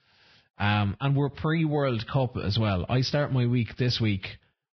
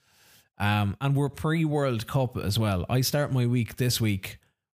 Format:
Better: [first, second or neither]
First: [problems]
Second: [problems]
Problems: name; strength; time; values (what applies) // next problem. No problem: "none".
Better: second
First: garbled, watery; badly; nothing above 5.5 kHz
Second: none